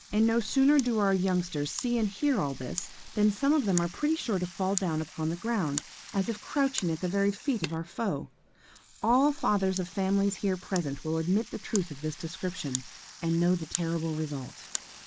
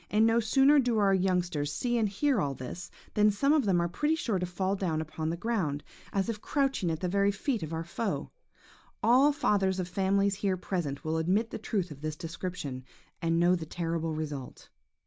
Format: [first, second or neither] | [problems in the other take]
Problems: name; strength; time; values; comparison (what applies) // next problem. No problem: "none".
second | noise reduction (neural mask model Resemble Enhance denoiser)